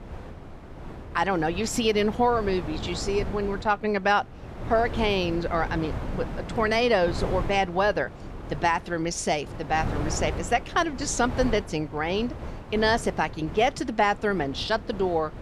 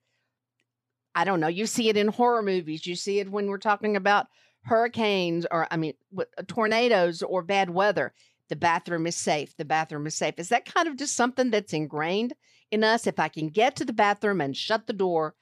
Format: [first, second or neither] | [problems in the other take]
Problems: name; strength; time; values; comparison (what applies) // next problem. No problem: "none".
second | wind noise on the microphone; occasional gusts; 15 dB below the speech